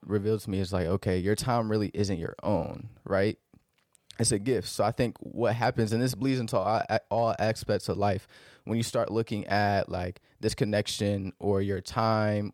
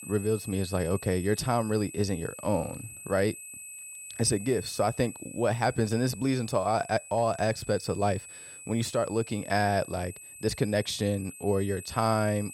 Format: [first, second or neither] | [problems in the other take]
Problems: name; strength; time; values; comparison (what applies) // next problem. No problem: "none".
first | high-pitched whine; noticeable; throughout; 8 kHz, 15 dB below the speech